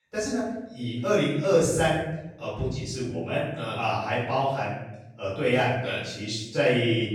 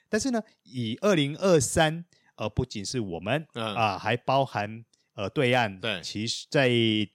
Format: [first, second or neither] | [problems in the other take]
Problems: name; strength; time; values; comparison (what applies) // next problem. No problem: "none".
second | off-mic speech; far // room echo; noticeable; dies away in 0.8 s